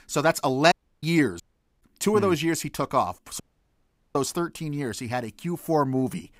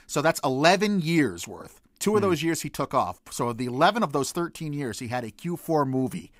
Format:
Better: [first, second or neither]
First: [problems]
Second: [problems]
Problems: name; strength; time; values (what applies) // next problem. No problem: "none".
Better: second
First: audio cutting out; at 0.5 s, at 1.5 s and at 3.5 s for 1 s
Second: none